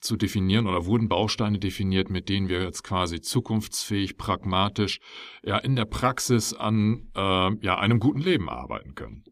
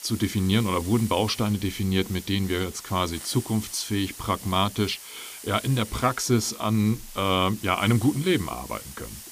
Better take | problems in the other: first | hiss; noticeable; throughout; 15 dB below the speech

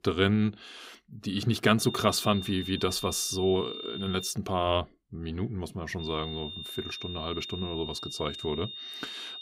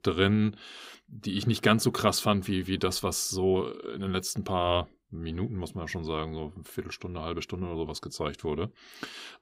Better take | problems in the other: second | high-pitched whine; loud; from 2 to 4.5 s and from 6 s on; 3.5 kHz, 8 dB below the speech

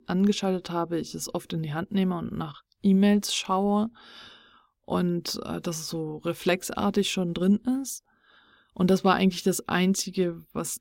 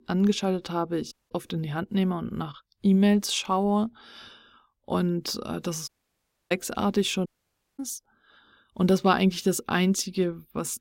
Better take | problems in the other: first | audio cutting out; at 1 s, at 6 s for 0.5 s and at 7.5 s for 0.5 s

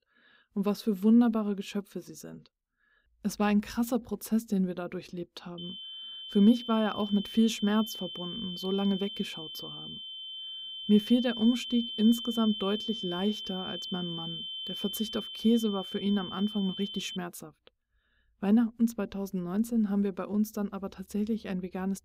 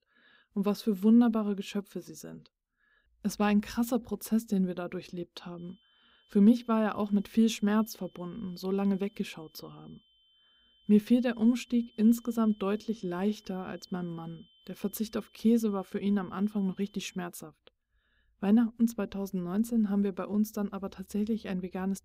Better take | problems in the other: second | high-pitched whine; loud; from 5.5 to 17 s; 3 kHz, 8 dB below the speech; faint in the second

